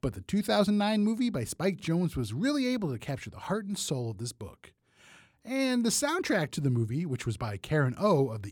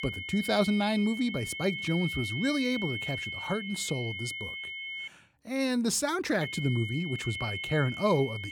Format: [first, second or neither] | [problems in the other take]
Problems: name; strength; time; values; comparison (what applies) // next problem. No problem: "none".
first | high-pitched whine; loud; until 5 s and from 6.5 s on; 2 kHz, 5 dB below the speech